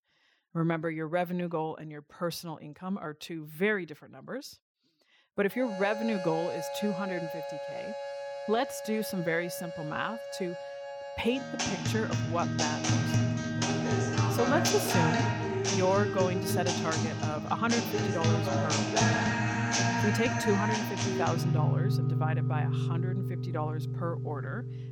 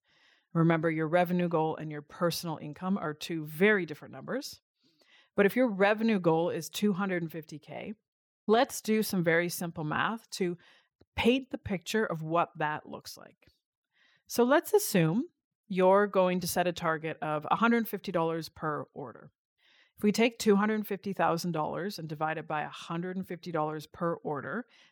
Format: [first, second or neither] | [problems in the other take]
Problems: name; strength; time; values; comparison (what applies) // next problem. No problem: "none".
second | background music; very loud; from 5.5 s on; 2 dB above the speech